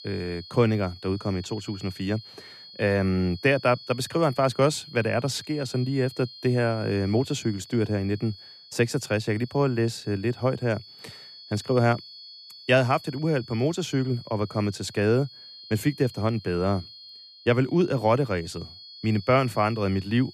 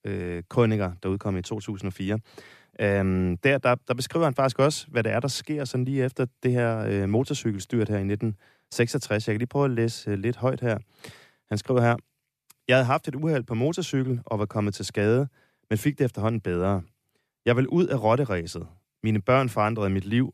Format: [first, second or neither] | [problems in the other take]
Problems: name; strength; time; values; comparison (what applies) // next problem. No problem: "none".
second | high-pitched whine; noticeable; throughout; 4.5 kHz, 20 dB below the speech